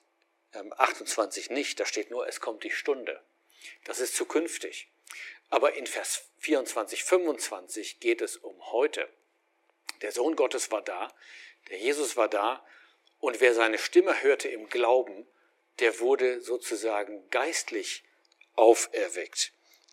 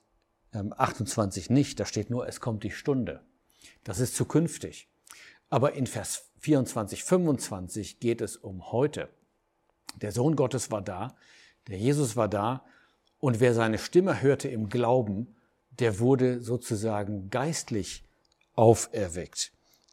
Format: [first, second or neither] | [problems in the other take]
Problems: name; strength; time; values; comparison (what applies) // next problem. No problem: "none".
second | thin; very; fading below 350 Hz